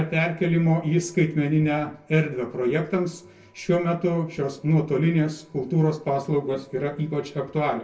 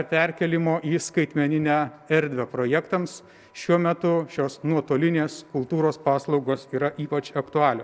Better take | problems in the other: second | room echo; dies away in 0.2 s

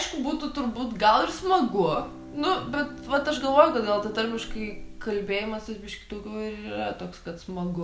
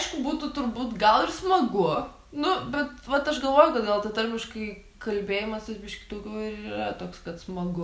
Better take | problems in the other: second | background sound (Bowed string instrument + Dog); 17 dB below the speech

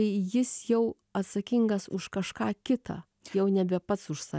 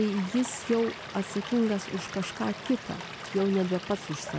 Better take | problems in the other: first | background sound (Stream / Liquid); 11 dB below the speech

